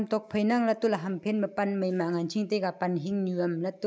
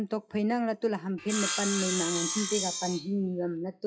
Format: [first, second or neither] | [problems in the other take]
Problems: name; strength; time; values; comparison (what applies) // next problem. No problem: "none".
first | noise reduction (classical method WPE with log-MMSE)